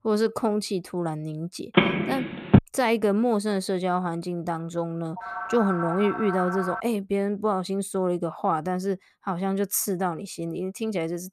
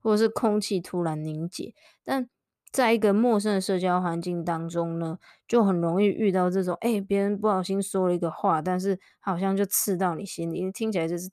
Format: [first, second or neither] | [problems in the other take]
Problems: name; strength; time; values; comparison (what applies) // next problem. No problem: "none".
second | phone ringing; loud; at 2 s; peak 6 dB above the speech // phone ringing; noticeable; from 5 to 7 s; peak 4 dB below the speech